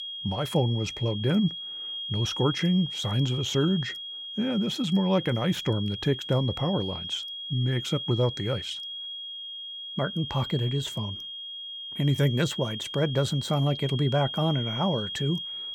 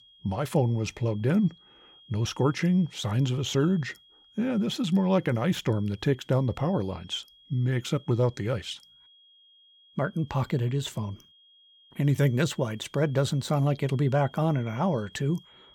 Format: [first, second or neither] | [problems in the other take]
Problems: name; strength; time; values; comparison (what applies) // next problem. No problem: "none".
second | high-pitched whine; loud; throughout; 3.5 kHz, 6 dB below the speech; faint in the second